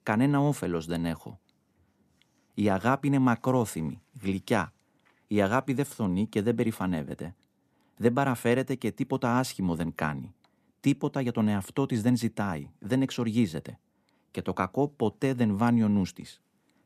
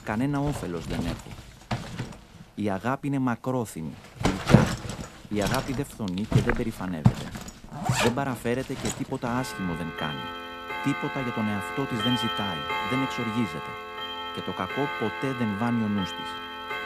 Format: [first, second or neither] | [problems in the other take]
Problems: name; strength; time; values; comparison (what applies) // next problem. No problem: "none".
first | household noises; very loud; throughout; as loud as the speech